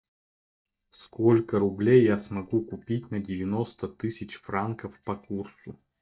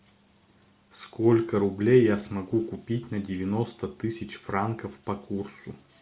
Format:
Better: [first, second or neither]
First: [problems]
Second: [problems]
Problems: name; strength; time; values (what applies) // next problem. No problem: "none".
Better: second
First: noise reduction (neural mask model DeepFilterNet 3)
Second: none